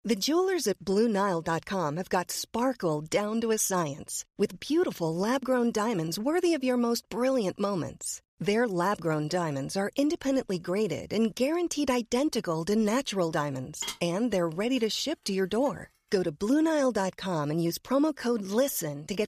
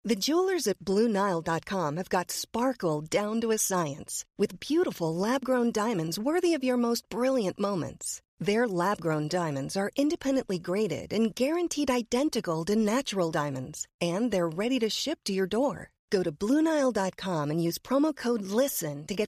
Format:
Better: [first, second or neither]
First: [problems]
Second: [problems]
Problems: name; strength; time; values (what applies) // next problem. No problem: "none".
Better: second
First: clattering dishes; noticeable; from 14 to 16 s; peak 9 dB below the speech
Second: none